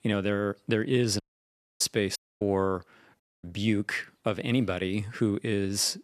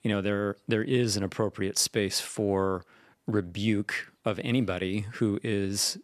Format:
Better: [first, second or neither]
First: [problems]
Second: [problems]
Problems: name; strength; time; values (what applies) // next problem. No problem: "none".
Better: second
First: audio cutting out; at 1 s for 0.5 s, at 2 s and at 3 s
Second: none